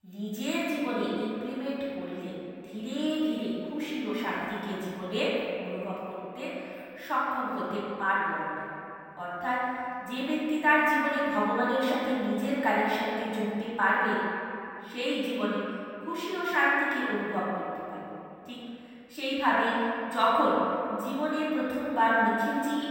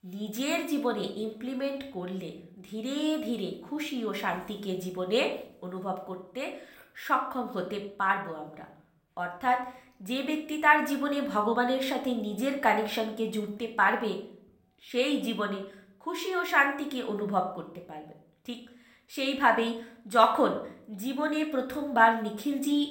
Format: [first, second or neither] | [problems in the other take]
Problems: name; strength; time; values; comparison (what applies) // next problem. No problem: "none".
second | room echo; strong; dies away in 2.6 s; slight in the second // off-mic speech; far